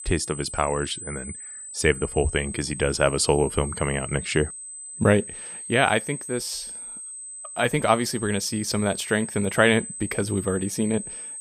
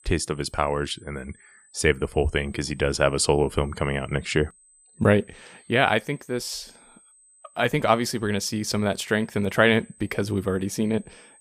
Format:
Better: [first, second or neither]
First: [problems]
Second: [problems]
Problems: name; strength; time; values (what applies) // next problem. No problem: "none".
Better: second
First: high-pitched whine; loud; throughout; 8 kHz, 10 dB below the speech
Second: high-pitched whine; faint; throughout; 8 kHz, 30 dB below the speech